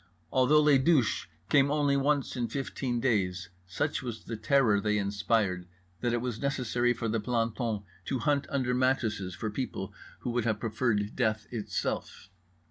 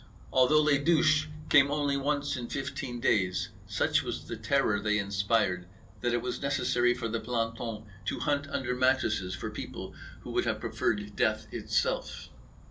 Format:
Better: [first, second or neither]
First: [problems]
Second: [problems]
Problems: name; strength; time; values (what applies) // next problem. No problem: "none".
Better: first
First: none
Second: background sound (Insect); 18 dB below the speech // room echo; dies away in 0.2 s